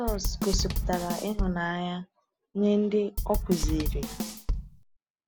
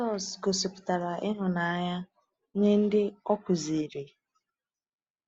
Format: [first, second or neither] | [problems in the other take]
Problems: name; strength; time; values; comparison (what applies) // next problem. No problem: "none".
second | background sound (Drum / Drum kit); as loud as the speech